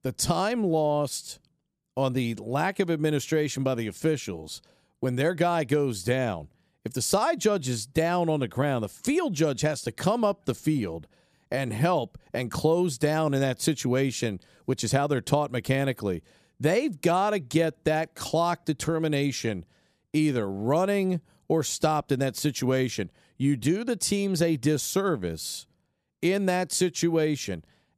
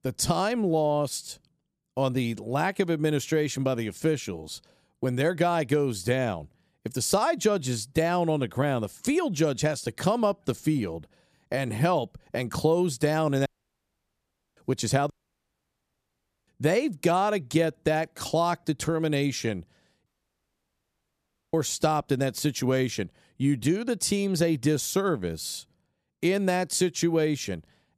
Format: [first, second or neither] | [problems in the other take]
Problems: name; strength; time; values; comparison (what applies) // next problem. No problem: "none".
first | audio cutting out; at 13 s for 1 s, at 15 s for 1.5 s and at 20 s for 1.5 s